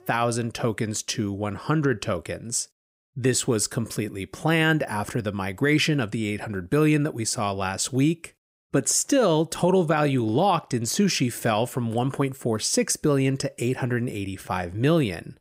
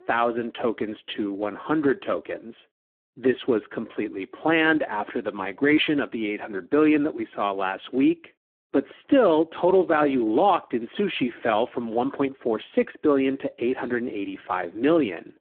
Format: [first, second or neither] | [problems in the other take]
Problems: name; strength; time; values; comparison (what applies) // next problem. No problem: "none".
first | phone-call audio; poor line